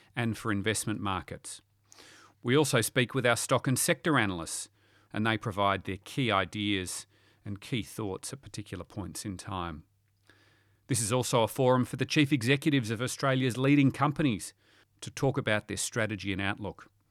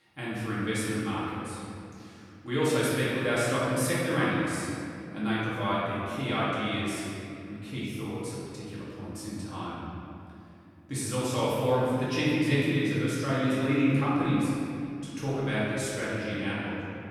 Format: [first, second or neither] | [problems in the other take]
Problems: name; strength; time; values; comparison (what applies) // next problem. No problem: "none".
first | off-mic speech; far // room echo; strong; dies away in 2.4 s